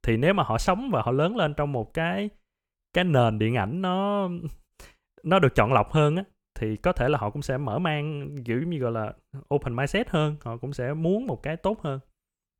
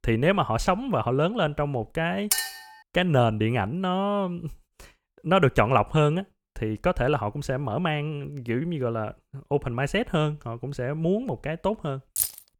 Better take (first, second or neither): first